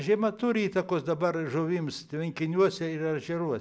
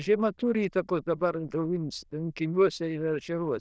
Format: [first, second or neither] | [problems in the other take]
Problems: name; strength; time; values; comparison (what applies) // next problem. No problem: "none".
first | noise reduction (neural diffusion model UNIVERSE++)